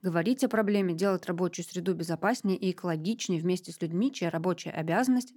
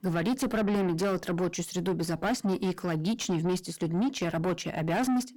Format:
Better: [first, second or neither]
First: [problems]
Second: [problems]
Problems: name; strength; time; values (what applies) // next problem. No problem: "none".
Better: first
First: none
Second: distortion; heavy; 7 dB below the speech